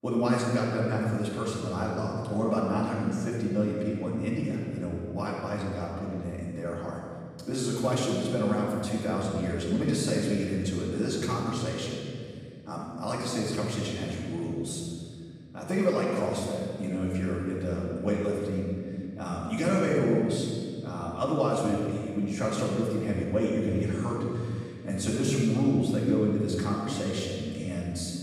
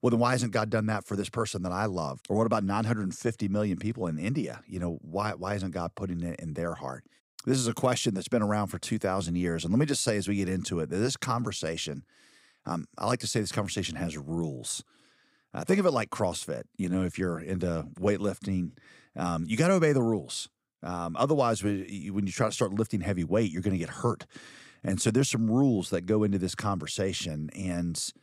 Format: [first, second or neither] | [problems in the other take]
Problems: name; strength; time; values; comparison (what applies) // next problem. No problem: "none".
second | off-mic speech; far // room echo; strong; dies away in 2.3 s